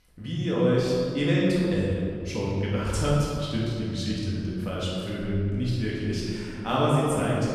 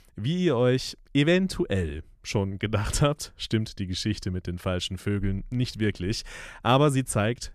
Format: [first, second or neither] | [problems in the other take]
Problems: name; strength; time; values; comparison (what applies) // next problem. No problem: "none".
second | off-mic speech; far // room echo; strong; dies away in 2.2 s